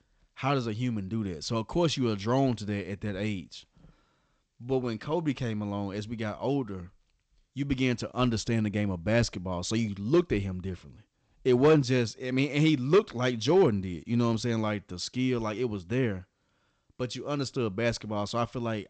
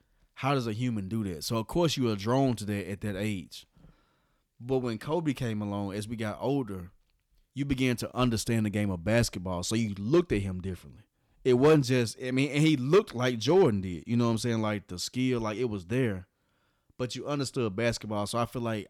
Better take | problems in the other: second | garbled, watery; slightly; nothing above 8 kHz

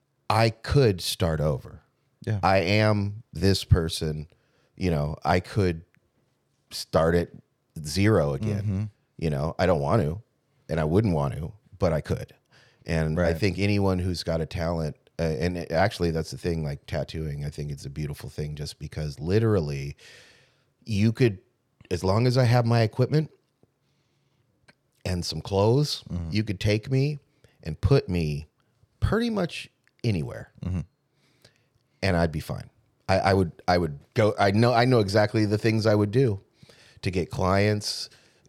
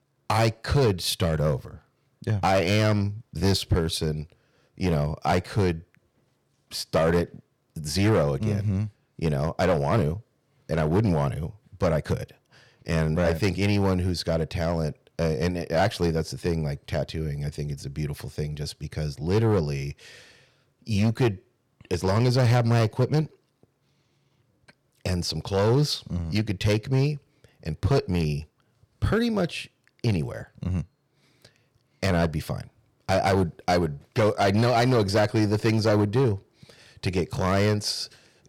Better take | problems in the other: first | distortion; slight; 5% of the sound clipped

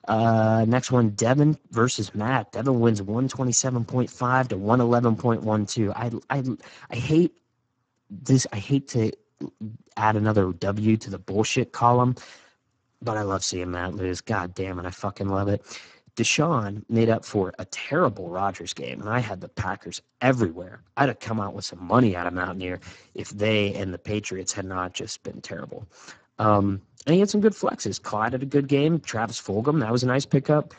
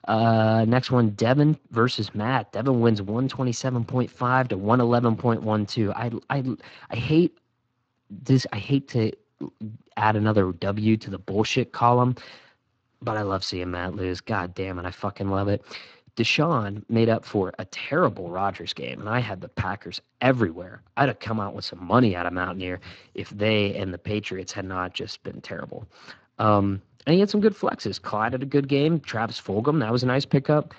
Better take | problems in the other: second | garbled, watery; badly; nothing above 7.5 kHz; slightly in the second

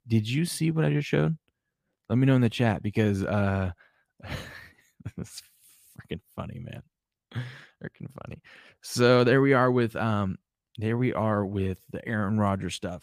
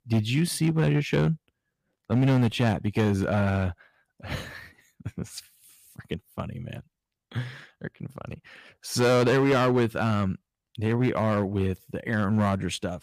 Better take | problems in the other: first | distortion; slight; 5% of the sound clipped

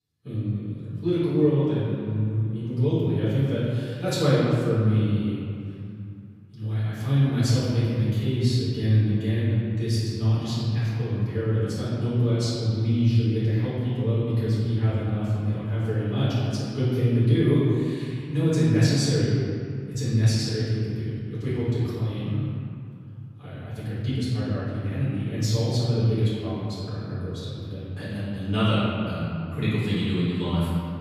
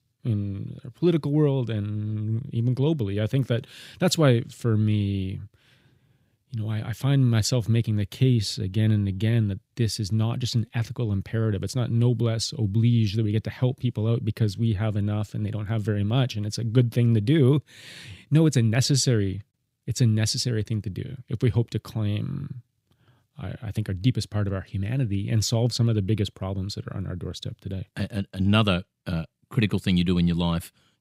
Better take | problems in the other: second | off-mic speech; far // room echo; strong; dies away in 2.3 s

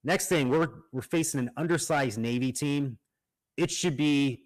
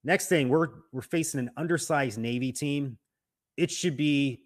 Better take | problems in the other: second | distortion; slight; 7% of the sound clipped

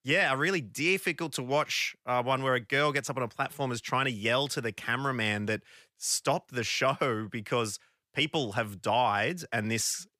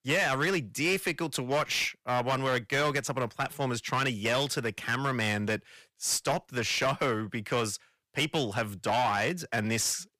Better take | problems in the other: first | distortion; slight; 9% of the sound clipped

